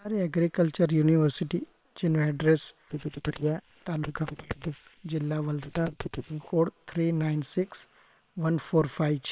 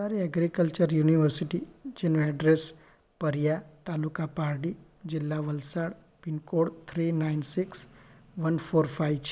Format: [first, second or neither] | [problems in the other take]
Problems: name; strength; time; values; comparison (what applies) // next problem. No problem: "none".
second | noise reduction (neural separator model SepFormer WHAM!)